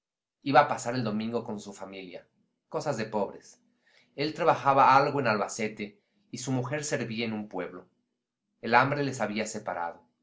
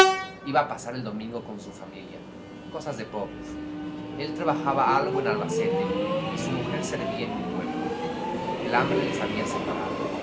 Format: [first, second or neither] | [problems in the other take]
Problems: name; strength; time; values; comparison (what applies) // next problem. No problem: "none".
first | background sound (Train); 2 dB above the speech